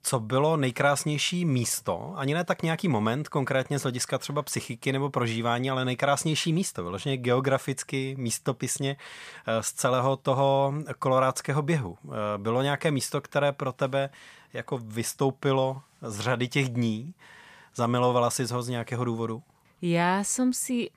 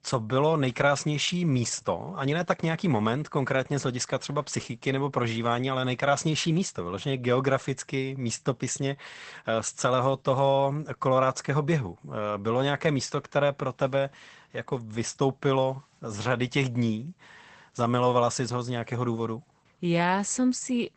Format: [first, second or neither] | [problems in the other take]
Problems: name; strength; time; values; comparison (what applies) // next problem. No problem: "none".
first | garbled, watery; badly; nothing above 8 kHz